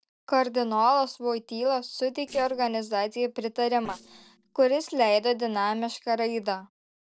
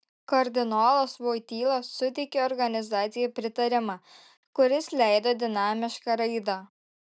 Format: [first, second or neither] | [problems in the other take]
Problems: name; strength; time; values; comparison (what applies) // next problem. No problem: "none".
second | noise reduction (neural separator model SepFormer DNS4)